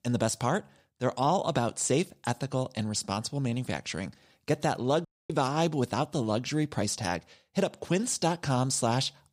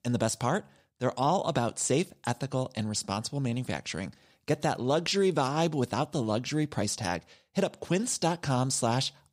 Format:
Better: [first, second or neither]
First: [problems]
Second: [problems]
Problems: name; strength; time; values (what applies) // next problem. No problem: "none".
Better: second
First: audio cutting out; at 5 s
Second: none